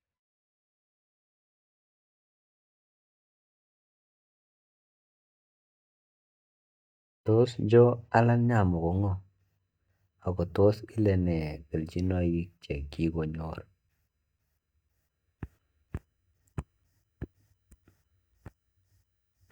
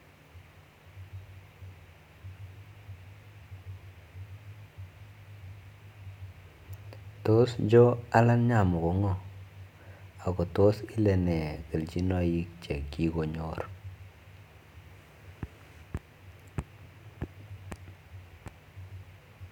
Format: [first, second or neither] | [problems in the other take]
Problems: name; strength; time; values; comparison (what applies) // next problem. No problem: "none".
second | noise reduction (neural mask model DeepFilterNet 3)